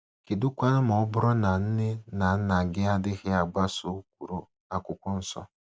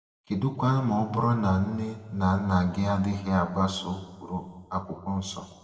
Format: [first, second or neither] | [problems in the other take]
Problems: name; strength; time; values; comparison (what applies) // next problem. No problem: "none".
first | room echo; dies away in 1.3 s